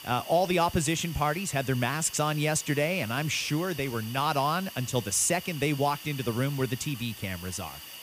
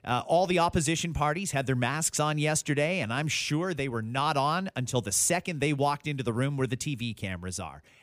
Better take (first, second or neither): second